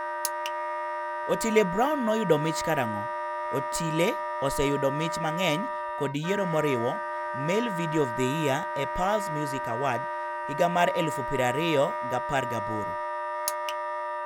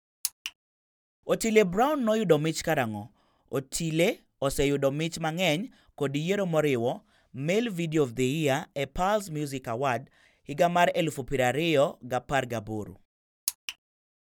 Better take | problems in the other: second | background sound (Wind instrument, woodwind instrument); 3 dB below the speech

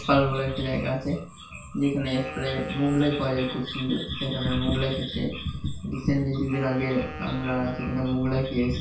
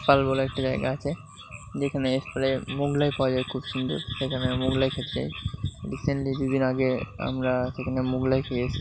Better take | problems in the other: second | background sound (Wind instrument, woodwind instrument); 16 dB below the speech // room echo; dies away in 0.4 s

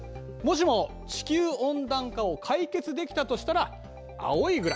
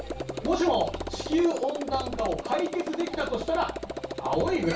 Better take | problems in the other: first | background sound (Motorcycle); 7 dB below the speech // room echo; dies away in 0.2 s

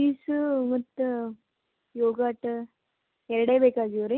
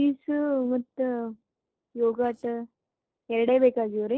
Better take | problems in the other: first | noise reduction (neural separator model SepFormer DNS4)

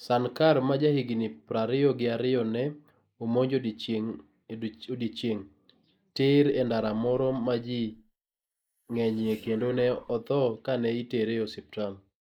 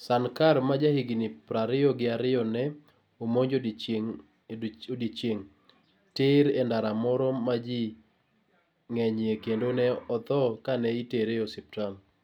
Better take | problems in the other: second | noise reduction (neural mask model Resemble Enhance denoiser)

